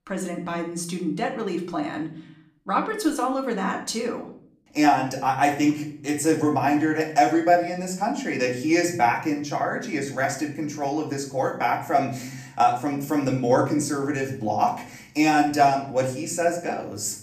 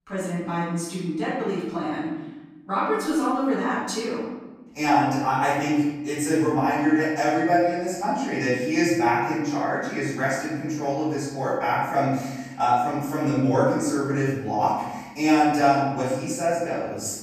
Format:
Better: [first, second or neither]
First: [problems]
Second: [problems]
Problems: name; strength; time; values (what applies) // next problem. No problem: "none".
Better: first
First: room echo; slight; dies away in 0.5 s // off-mic speech; somewhat distant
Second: room echo; strong; dies away in 1 s // off-mic speech; far